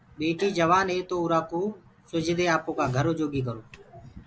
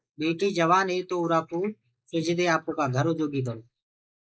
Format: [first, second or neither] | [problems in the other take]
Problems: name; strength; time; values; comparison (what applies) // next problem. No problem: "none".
first | noise reduction (neural mask model Resemble Enhance denoiser)